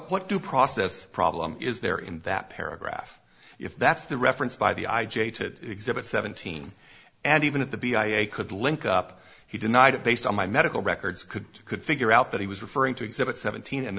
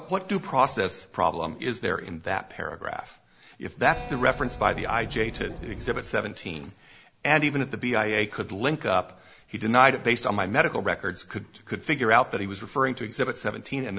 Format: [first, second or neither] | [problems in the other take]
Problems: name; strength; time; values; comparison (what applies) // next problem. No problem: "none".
first | background sound (Keyboard (musical)); 11 dB below the speech